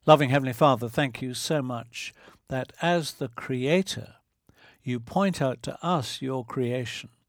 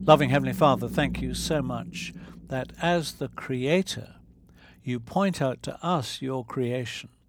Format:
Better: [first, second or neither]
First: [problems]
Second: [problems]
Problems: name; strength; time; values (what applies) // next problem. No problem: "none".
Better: first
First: none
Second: low rumble; noticeable; throughout; 15 dB below the speech